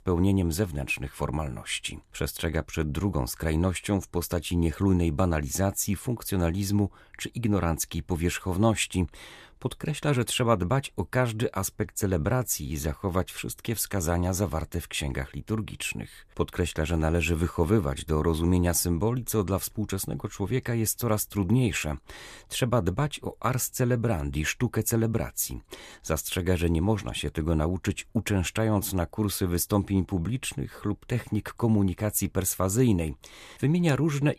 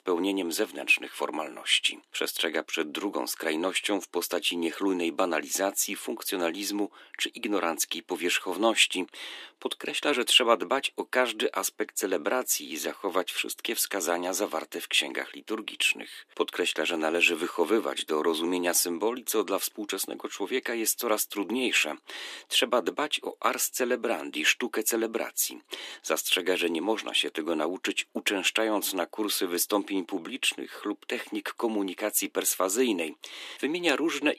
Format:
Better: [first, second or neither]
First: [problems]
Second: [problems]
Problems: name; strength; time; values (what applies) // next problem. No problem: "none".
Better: first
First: none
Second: thin; somewhat; fading below 300 Hz